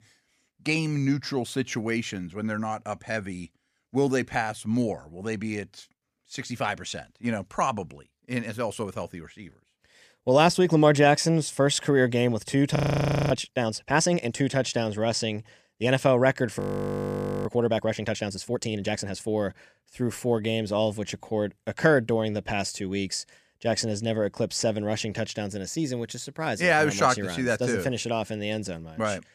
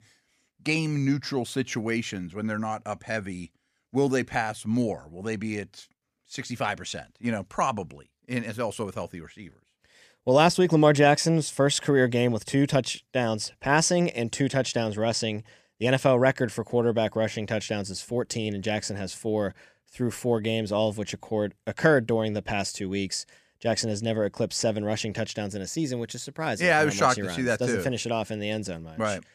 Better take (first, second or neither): second